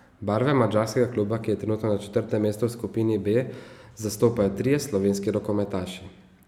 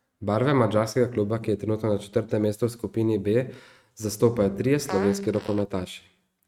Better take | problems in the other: first | noise reduction (neural mask model RNNoise)

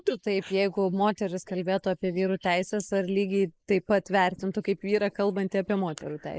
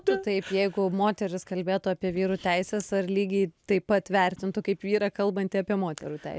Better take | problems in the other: second | noise reduction (neural mask model Resemble Enhance denoiser)

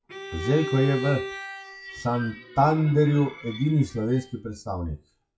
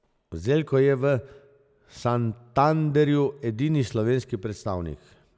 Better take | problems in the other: second | noise reduction (classical method WPE with log-MMSE)

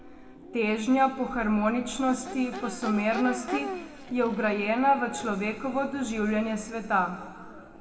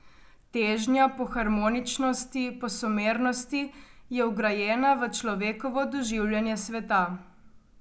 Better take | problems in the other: second | background sound (Crowd / Race car, auto racing / Accelerating, revving, vroom); 14 dB below the speech // room echo; dies away in 2.1 s

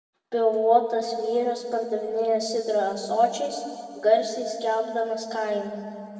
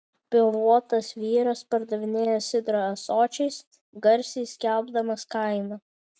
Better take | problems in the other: second | room echo; dies away in 2.1 s

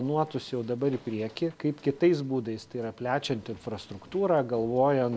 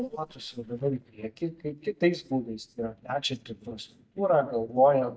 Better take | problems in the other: first | noise reduction (neural mask model DeepFilterNet 3)

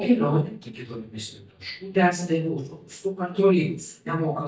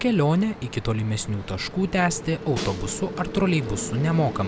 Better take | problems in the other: second | noise reduction (neural mask model DeepFilterNet 3)

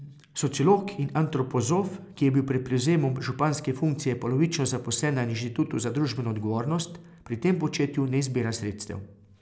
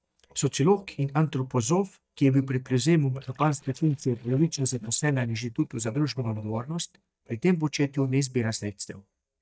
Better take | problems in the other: first | noise reduction (neural mask model DeepFilterNet 3)

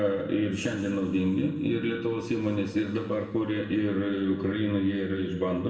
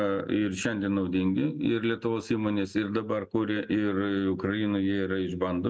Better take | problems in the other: second | room echo; dies away in 1.9 s

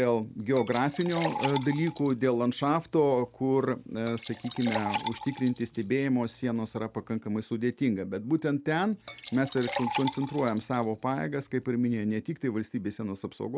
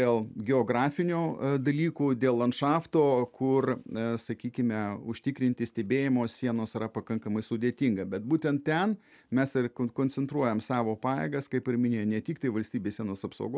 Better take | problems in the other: second | background sound (Liquid); 11 dB below the speech

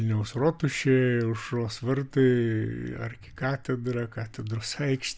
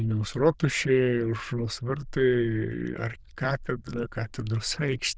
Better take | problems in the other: first | noise reduction (neural diffusion model UNIVERSE++)

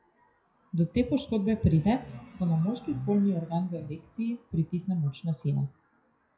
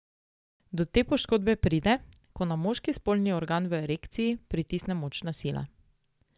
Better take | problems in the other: second | noise reduction (classical method WPE with log-MMSE)

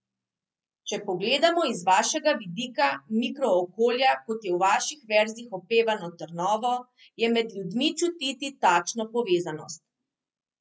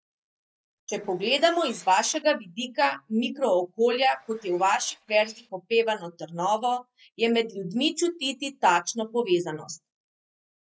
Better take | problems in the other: first | noise reduction (neural mask model DeepFilterNet 3)

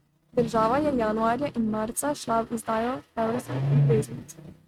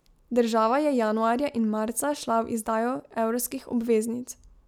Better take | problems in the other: second | noise reduction (neural mask model RNNoise)

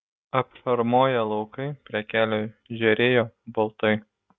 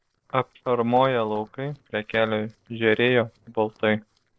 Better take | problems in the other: first | noise reduction (neural separator model SepFormer DNS4)

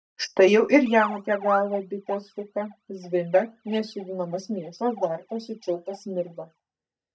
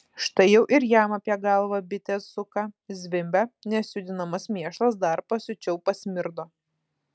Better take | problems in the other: second | noise reduction (neural mask model DeepFilterNet 3)

